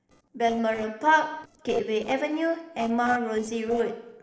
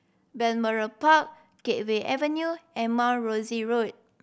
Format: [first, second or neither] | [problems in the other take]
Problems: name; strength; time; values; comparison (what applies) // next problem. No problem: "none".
second | noise reduction (neural separator model SepFormer DNS4)